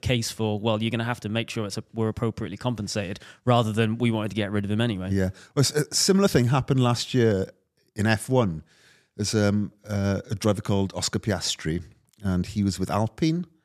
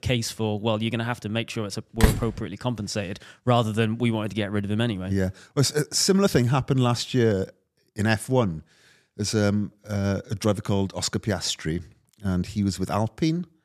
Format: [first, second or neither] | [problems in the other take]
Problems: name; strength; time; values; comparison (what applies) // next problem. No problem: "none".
first | door banging; loud; at 2 s; peak 1 dB above the speech